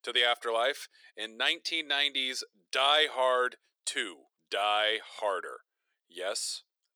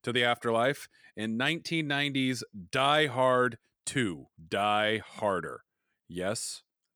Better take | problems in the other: second | thin; very; fading below 400 Hz

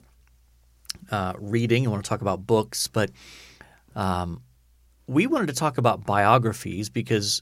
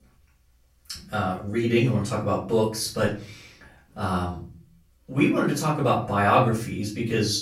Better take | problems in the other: first | room echo; slight; dies away in 0.4 s // off-mic speech; far

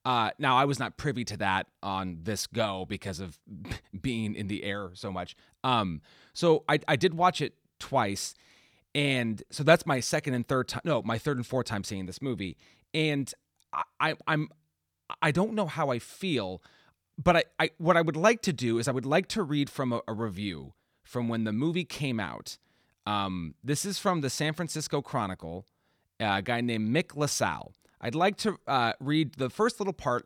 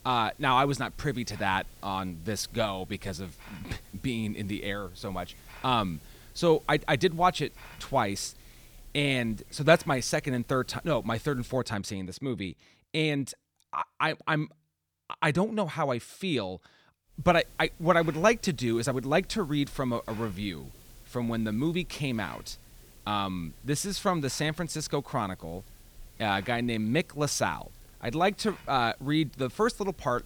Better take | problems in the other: first | hiss; faint; until 12 s and from 17 s on; 20 dB below the speech

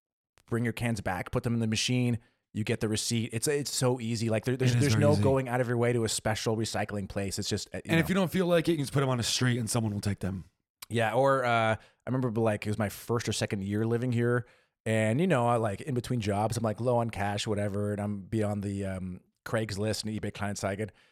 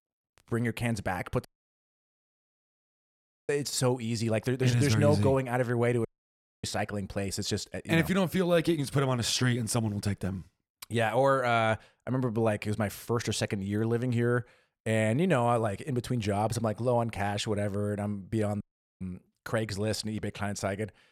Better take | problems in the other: first | audio cutting out; at 1.5 s for 2 s, at 6 s for 0.5 s and at 19 s

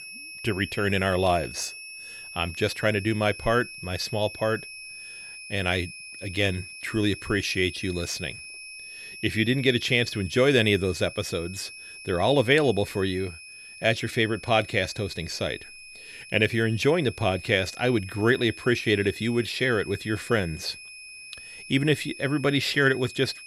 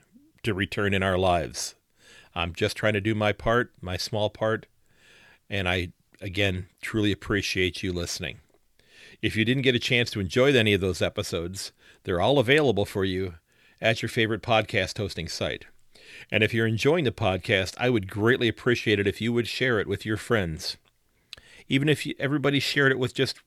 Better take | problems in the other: second | high-pitched whine; noticeable; throughout; 2.5 kHz, 15 dB below the speech

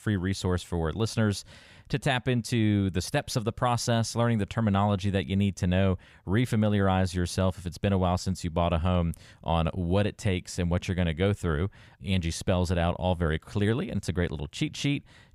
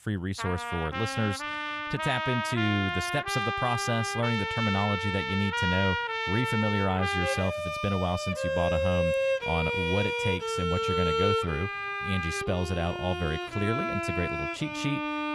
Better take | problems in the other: first | background music; very loud; throughout; 1 dB above the speech

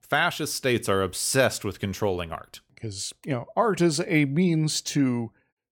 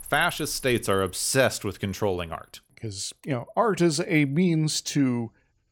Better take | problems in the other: first | animal sounds; noticeable; throughout; 20 dB below the speech

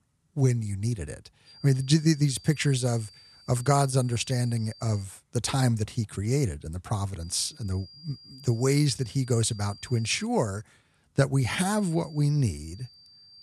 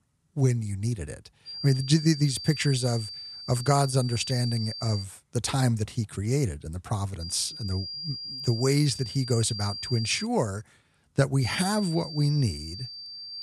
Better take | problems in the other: first | high-pitched whine; loud; from 1.5 to 5 s, from 7 to 10 s and from 11 s on; 5 kHz, 9 dB below the speech; faint in the first

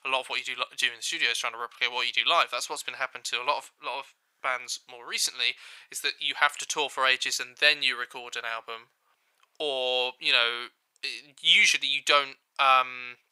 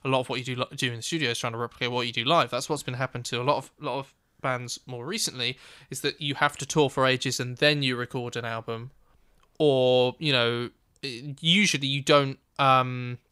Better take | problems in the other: second | thin; very; fading below 850 Hz

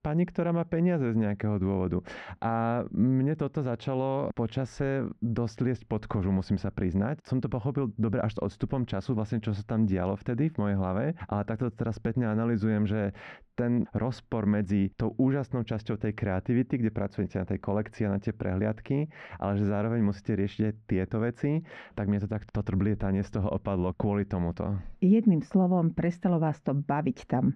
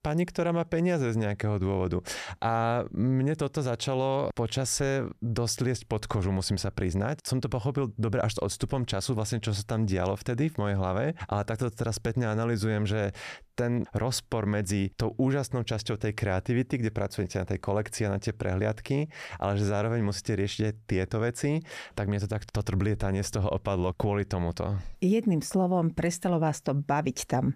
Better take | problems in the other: second | muffled; very; fading above 2.5 kHz

